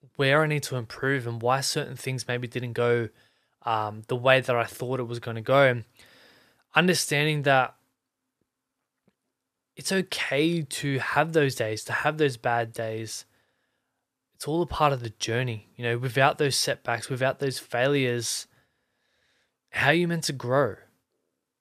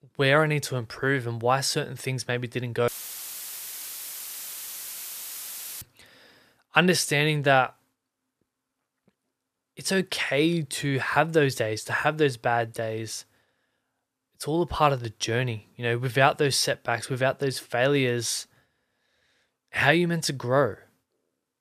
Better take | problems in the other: first | audio cutting out; filled with static; at 3 s for 3 s

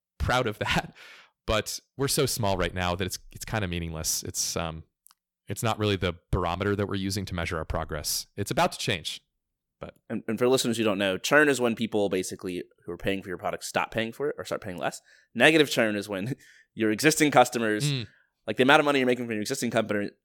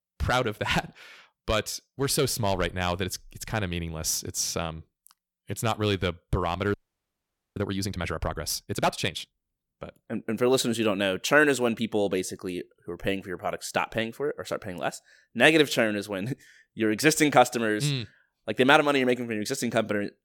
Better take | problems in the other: first | audio freezing; at 6.5 s for 1 s

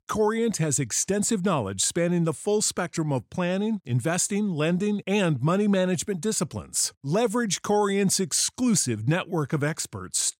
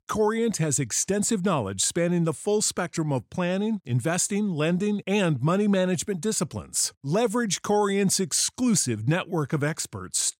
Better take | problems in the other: neither | none

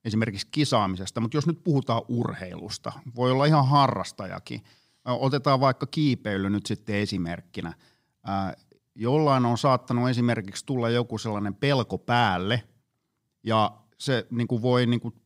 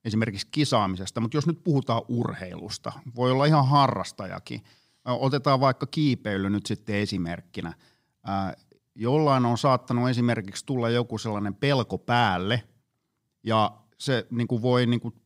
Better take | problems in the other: neither | none

